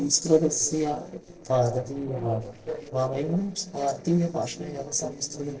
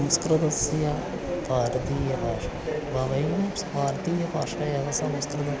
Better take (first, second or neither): second